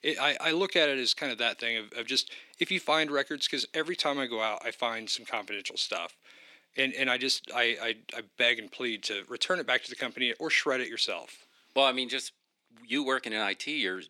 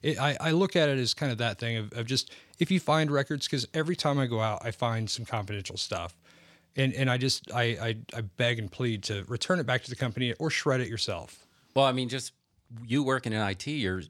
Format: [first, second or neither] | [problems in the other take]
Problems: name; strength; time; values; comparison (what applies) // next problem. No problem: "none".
second | thin; somewhat; fading below 250 Hz